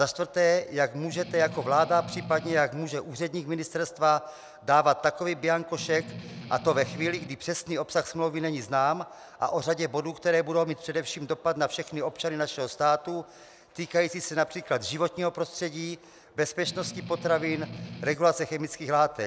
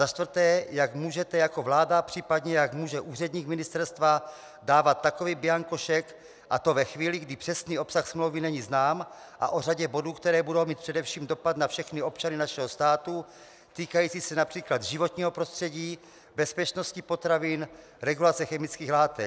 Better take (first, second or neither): second